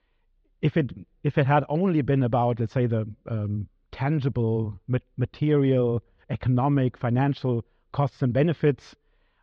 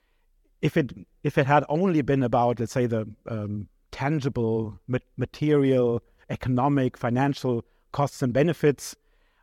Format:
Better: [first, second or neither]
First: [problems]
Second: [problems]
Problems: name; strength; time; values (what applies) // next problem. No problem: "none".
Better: second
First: muffled; slightly; fading above 4 kHz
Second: none